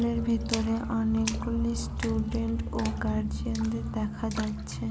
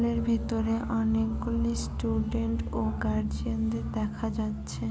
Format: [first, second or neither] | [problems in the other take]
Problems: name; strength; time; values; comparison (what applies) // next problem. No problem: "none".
second | background sound (Splash, splatter); 15 dB below the speech